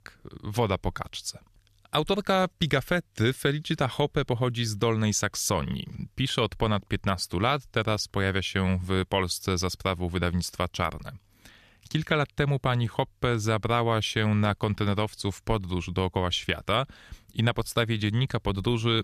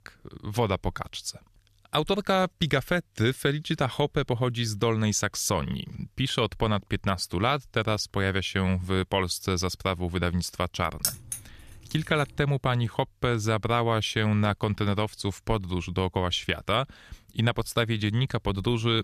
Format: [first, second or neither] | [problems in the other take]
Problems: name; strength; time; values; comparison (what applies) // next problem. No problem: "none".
first | jangling keys; noticeable; at 11 s; peak 1 dB below the speech